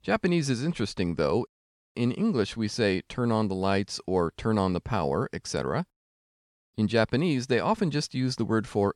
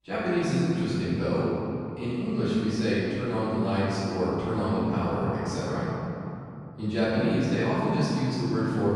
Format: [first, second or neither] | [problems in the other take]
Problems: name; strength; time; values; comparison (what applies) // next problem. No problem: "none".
first | room echo; strong; dies away in 2.8 s // off-mic speech; far